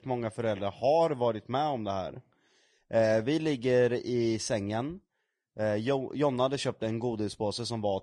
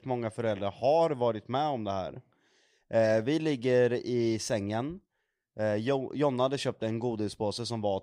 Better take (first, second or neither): second